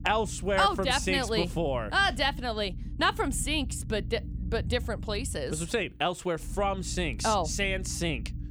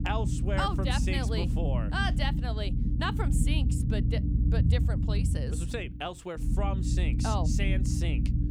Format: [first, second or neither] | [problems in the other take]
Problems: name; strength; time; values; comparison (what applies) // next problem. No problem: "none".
first | low rumble; loud; throughout; 6 dB below the speech; faint in the first